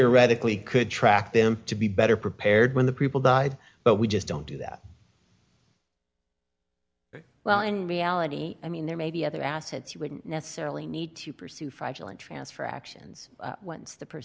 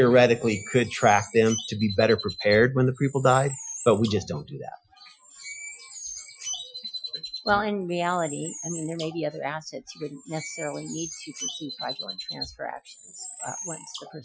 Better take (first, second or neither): first